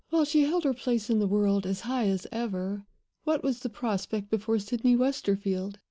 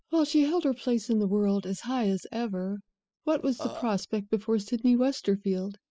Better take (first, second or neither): first